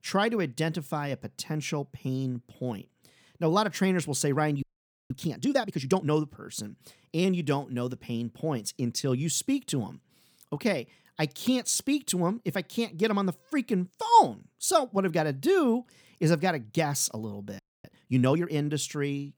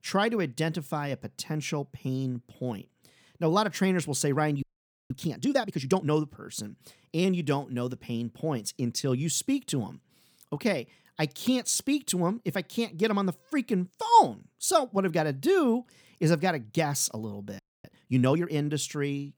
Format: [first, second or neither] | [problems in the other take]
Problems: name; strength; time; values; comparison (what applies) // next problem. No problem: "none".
neither | audio freezing; at 4.5 s and at 18 s; the same in both